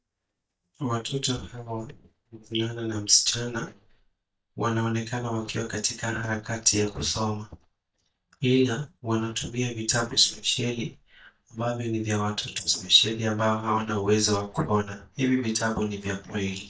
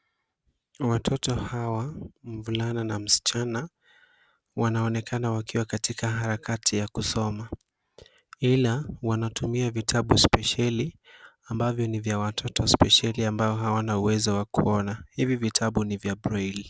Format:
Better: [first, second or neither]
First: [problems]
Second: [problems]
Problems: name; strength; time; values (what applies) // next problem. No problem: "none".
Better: second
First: noise reduction (neural mask model DeepFilterNet 3)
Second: none